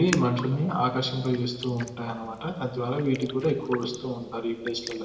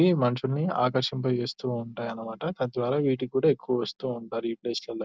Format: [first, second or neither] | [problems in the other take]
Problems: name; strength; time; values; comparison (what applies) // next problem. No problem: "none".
second | background sound (Raindrop); 15 dB below the speech // room echo; dies away in 1.3 s